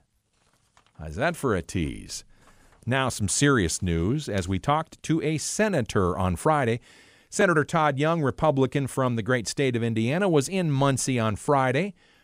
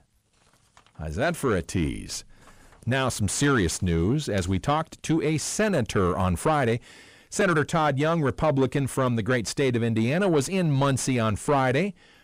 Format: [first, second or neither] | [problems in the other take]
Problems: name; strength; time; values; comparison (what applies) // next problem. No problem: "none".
first | distortion; slight; 10 dB below the speech